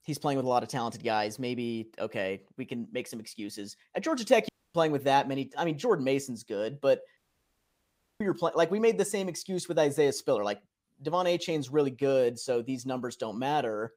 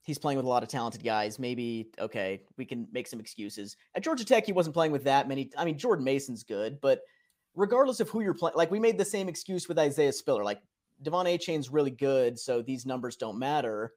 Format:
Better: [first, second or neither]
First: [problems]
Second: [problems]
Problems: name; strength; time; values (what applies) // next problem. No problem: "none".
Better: second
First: audio cutting out; at 4.5 s and at 7 s for 1 s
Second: none